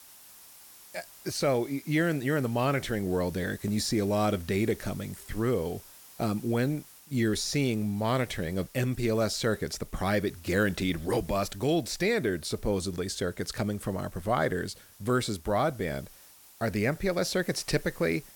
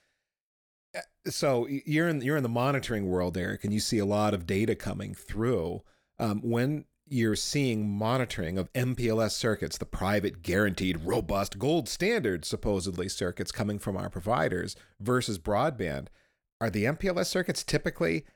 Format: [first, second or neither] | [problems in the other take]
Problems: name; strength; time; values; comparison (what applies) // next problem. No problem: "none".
second | hiss; faint; throughout; 20 dB below the speech